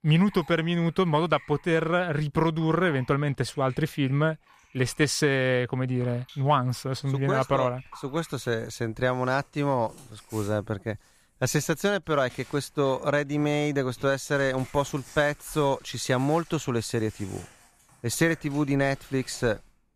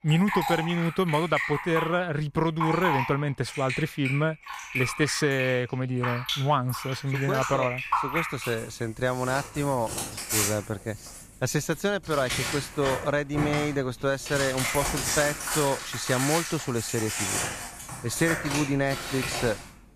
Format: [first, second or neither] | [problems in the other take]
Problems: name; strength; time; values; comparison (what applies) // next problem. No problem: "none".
first | household noises; loud; throughout; 3 dB below the speech; faint in the first